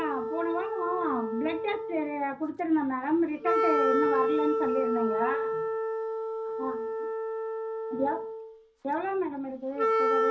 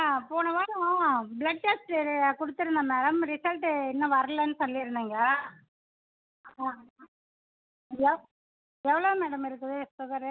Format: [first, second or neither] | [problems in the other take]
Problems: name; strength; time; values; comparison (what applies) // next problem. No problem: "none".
second | background sound (Wind instrument, woodwind instrument); 2 dB above the speech // room echo; dies away in 0.4 s